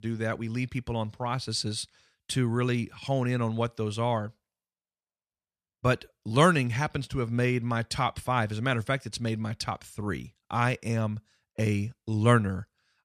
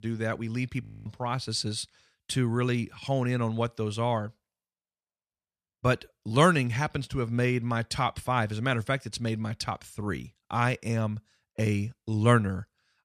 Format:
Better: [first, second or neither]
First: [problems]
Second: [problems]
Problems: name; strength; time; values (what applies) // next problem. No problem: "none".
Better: first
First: none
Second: audio freezing; at 1 s